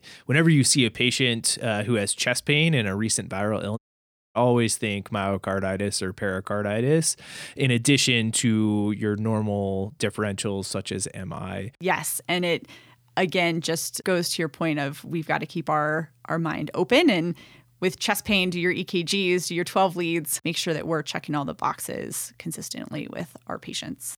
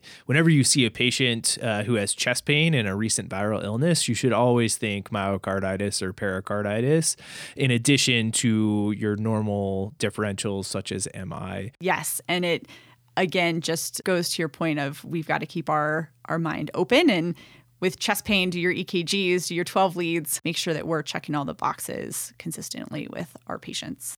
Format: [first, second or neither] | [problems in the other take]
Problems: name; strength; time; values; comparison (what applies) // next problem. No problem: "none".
second | audio cutting out; at 4 s for 0.5 s